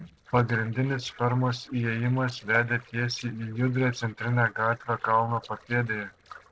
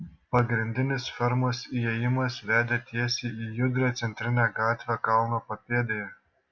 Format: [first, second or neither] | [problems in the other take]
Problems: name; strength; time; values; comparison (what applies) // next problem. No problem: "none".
second | noise reduction (neural separator model SepFormer DNS4)